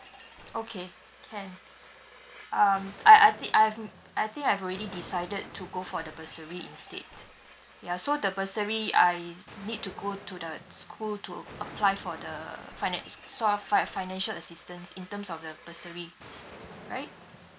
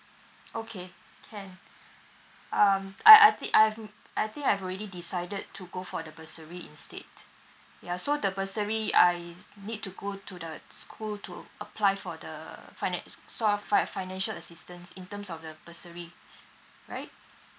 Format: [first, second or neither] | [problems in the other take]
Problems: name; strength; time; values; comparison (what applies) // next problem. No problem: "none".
second | background sound (Explosion); 19 dB below the speech